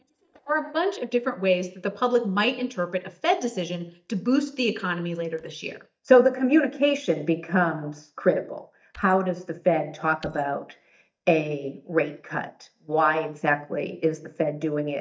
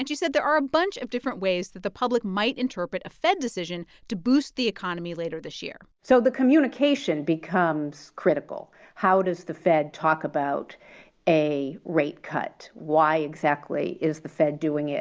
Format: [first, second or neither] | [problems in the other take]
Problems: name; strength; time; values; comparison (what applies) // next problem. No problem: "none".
second | noise reduction (neural mask model DeepFilterNet 3)